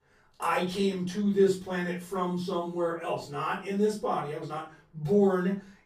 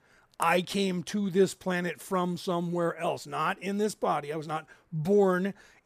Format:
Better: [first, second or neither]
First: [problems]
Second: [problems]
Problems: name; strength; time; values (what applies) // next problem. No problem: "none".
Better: second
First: off-mic speech; far // room echo; slight; dies away in 0.3 s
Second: none